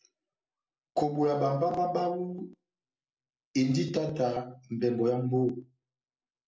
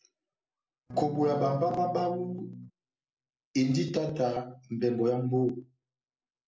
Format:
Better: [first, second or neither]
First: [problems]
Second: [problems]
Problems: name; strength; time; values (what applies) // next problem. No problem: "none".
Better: first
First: none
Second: background sound (Electric guitar / Strum); 11 dB below the speech